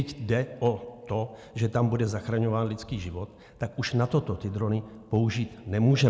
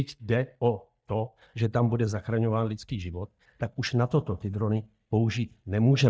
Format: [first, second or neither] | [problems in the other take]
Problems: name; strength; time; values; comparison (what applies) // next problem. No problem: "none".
first | noise reduction (neural mask model DeepFilterNet 3)